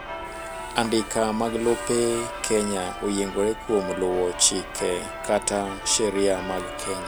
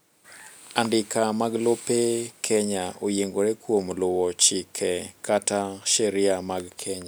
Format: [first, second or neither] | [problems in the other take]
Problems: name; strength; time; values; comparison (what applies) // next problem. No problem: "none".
second | background sound (Church bell); 9 dB below the speech